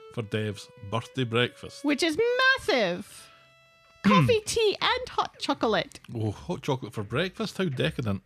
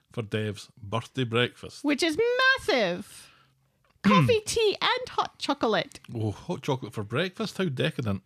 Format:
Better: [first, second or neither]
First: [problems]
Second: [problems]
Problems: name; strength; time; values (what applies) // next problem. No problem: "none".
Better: second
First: background music; faint; throughout; 30 dB below the speech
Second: none